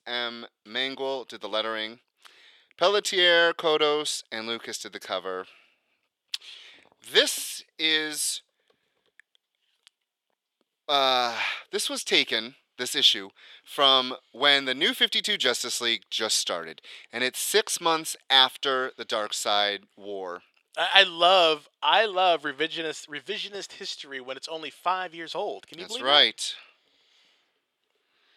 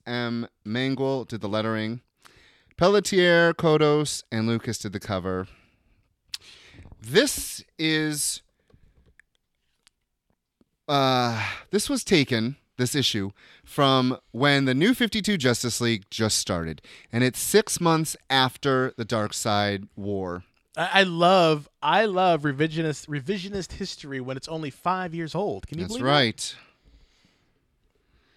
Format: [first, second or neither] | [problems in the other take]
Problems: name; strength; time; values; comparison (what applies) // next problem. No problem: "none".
second | thin; very; fading below 550 Hz